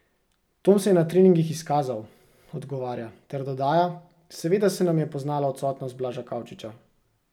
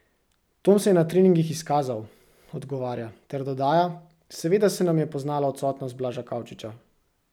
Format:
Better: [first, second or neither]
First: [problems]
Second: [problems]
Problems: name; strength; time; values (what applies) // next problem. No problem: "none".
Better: second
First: room echo; dies away in 0.3 s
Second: none